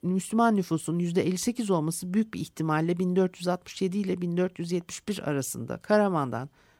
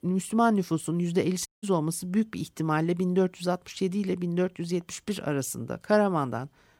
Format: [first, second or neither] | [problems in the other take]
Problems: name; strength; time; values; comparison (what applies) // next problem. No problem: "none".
first | audio cutting out; at 1.5 s